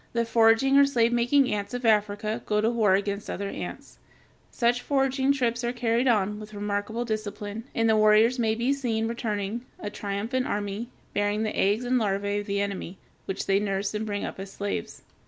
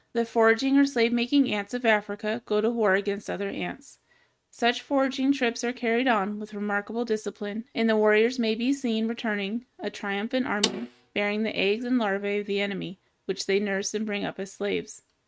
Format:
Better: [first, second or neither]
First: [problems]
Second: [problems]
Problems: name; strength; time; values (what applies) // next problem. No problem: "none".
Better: first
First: none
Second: noise reduction (neural mask model RNNoise)